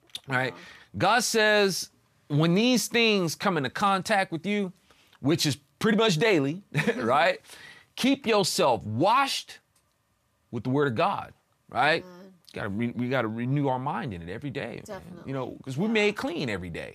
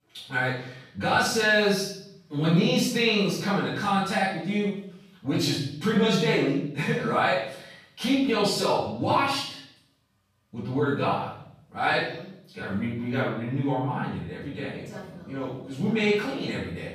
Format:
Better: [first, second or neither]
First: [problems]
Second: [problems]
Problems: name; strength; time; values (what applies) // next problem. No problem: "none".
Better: first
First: none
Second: off-mic speech; far // room echo; noticeable; dies away in 0.7 s